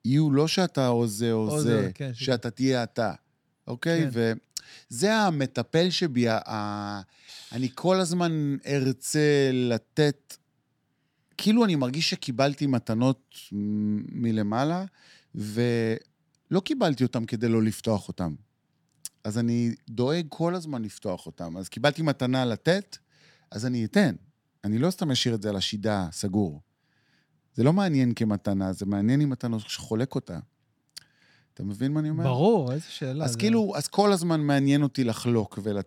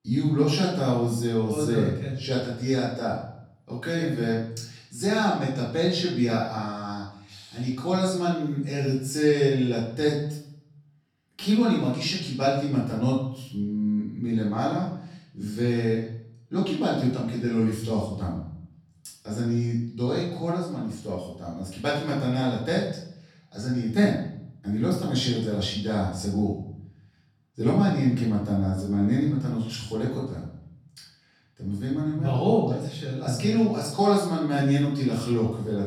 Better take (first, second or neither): first